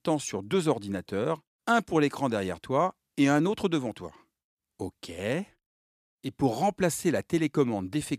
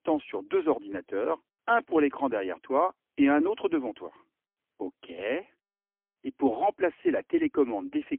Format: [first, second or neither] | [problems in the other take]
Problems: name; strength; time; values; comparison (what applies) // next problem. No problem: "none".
first | phone-call audio; poor line; nothing above 3 kHz